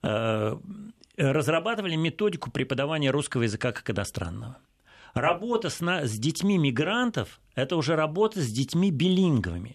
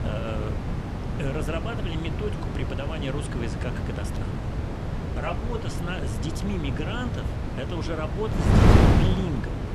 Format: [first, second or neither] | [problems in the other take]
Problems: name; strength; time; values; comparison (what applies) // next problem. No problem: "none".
first | wind noise on the microphone; heavy; 2 dB above the speech